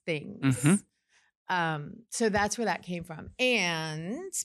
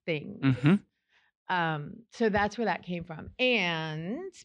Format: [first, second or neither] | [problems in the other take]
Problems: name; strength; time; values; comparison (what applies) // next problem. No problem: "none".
first | muffled; slightly; fading above 4 kHz